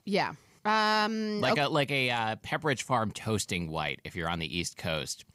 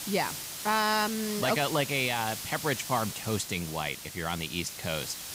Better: first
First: none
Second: hiss; loud; throughout; 7 dB below the speech

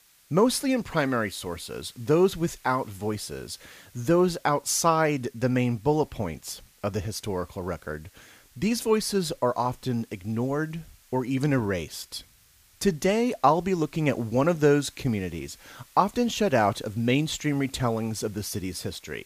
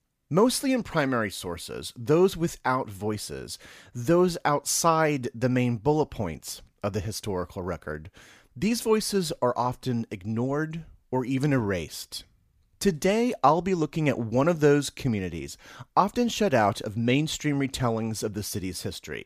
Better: second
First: hiss; faint; throughout; 30 dB below the speech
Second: none

